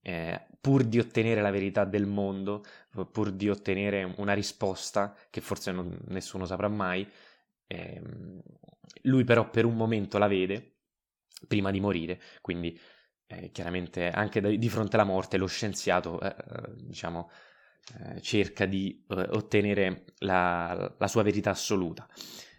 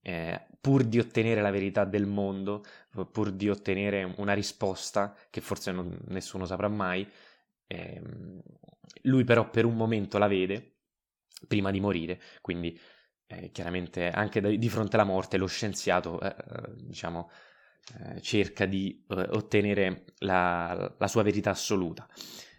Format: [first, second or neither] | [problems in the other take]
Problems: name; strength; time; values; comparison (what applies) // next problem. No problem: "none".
neither | none